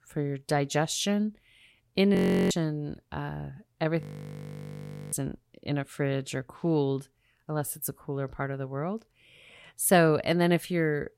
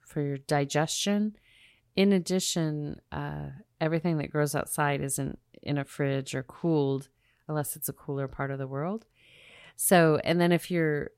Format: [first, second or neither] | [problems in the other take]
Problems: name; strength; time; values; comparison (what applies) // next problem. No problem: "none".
second | audio freezing; at 2 s and at 4 s for 1 s